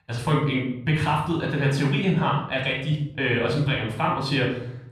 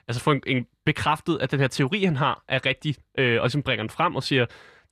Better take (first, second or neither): second